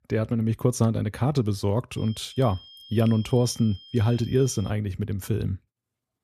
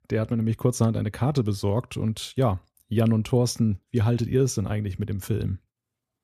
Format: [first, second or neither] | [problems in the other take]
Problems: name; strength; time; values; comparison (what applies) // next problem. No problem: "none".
second | high-pitched whine; noticeable; from 2 to 4.5 s; 3 kHz, 20 dB below the speech